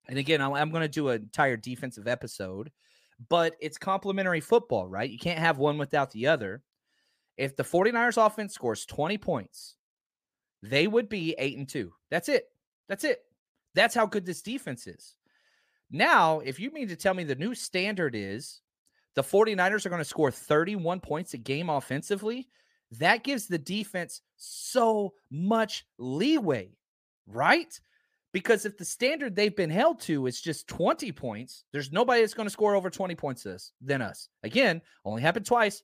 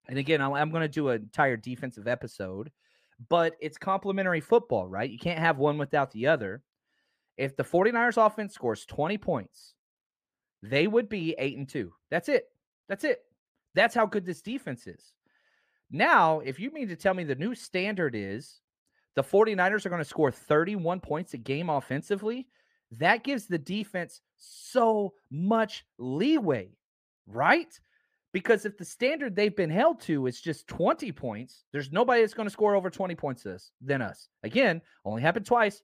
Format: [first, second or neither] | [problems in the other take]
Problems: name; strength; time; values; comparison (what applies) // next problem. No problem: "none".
first | muffled; very slightly; fading above 3.5 kHz